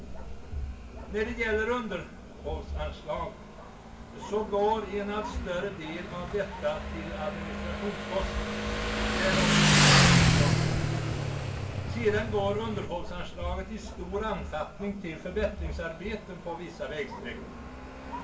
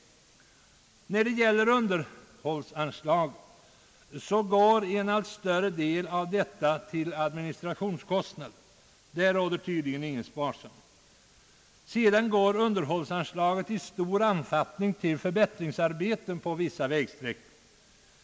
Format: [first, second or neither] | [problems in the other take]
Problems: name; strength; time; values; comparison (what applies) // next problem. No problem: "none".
second | background sound (Motorcycle); 4 dB above the speech // room echo; dies away in 0.3 s